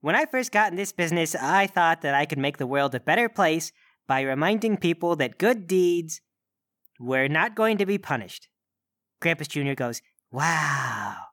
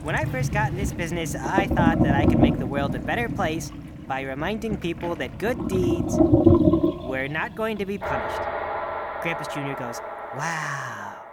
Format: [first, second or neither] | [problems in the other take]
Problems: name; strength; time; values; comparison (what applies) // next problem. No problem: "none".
first | household noises; very loud; throughout; 4 dB above the speech